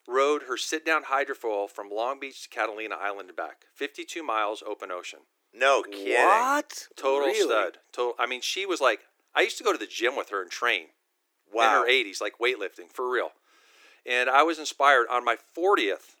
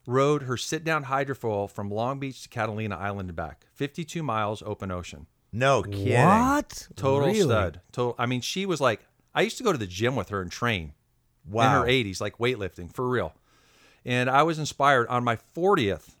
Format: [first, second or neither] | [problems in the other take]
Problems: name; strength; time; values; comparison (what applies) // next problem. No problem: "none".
second | thin; very; fading below 300 Hz